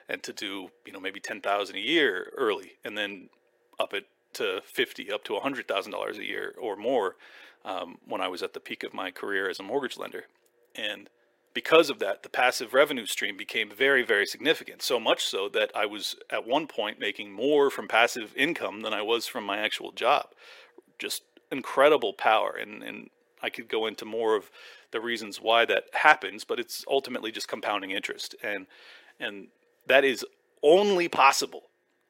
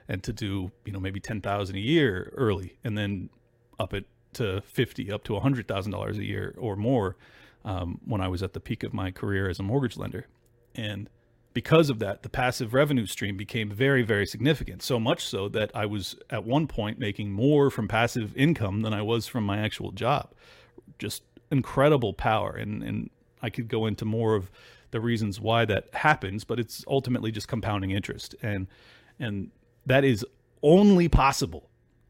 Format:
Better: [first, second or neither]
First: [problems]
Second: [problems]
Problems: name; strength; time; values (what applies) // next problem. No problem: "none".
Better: second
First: thin; very; fading below 400 Hz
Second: none